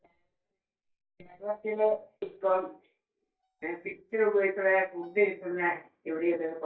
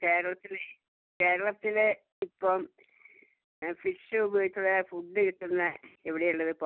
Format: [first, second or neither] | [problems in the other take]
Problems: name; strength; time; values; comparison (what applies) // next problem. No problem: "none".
second | noise reduction (neural mask model DeepFilterNet 3)